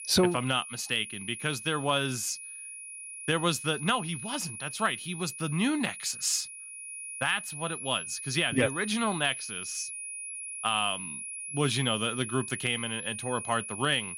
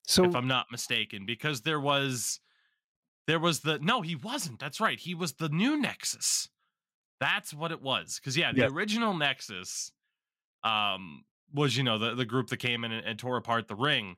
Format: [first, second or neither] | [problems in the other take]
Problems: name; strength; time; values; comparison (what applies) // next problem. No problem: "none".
second | high-pitched whine; loud; throughout; 10.5 kHz, 8 dB below the speech